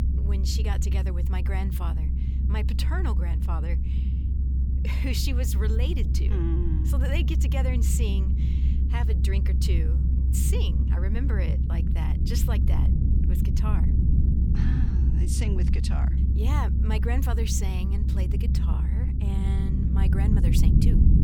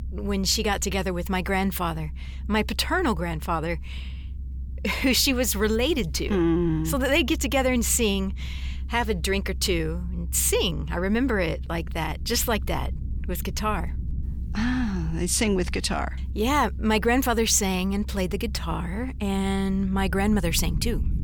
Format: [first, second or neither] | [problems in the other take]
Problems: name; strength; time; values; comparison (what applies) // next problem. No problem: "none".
second | low rumble; loud; throughout; 3 dB below the speech; faint in the second